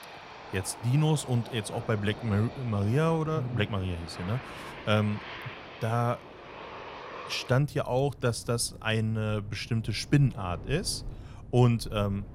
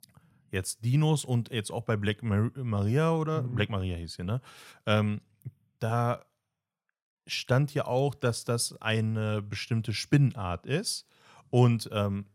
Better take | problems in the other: second | train or aircraft noise; noticeable; throughout; 15 dB below the speech

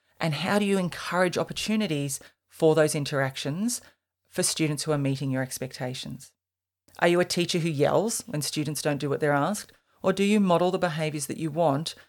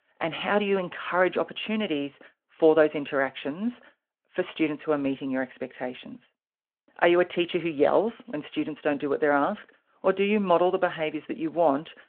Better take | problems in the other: first | phone-call audio

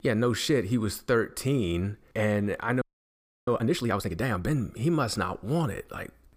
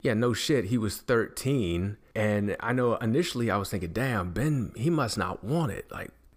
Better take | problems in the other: second | audio freezing; at 3 s for 0.5 s

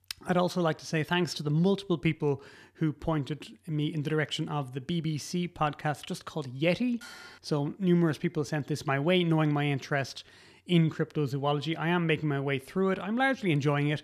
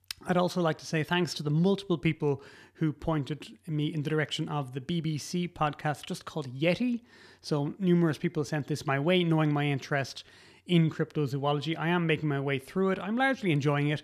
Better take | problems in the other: second | clattering dishes; faint; at 7 s; peak 15 dB below the speech

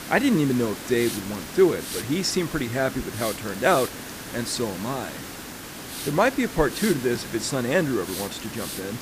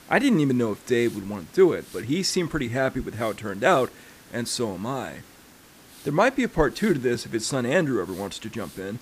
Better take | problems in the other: second | hiss; loud; throughout; 9 dB below the speech; faint in the second

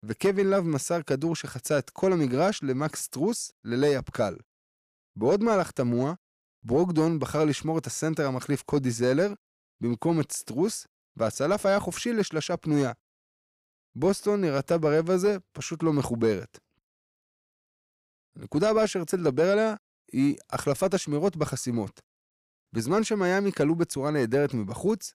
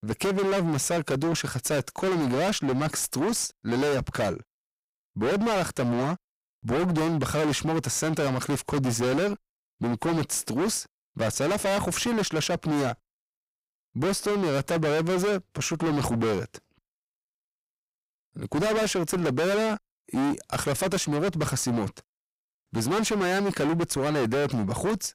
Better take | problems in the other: first | distortion; heavy; 29% of the sound clipped

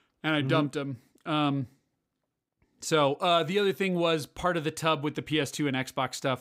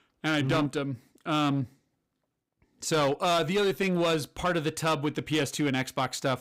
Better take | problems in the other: first | distortion; slight; 9% of the sound clipped

